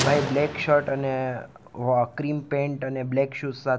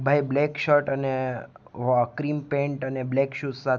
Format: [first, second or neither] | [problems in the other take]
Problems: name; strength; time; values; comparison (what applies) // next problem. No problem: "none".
second | background sound (Explosion); 11 dB below the speech